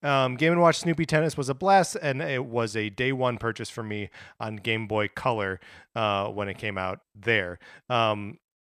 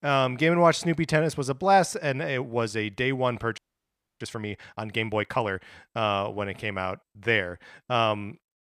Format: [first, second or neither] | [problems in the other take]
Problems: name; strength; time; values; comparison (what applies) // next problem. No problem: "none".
first | audio freezing; at 3.5 s for 0.5 s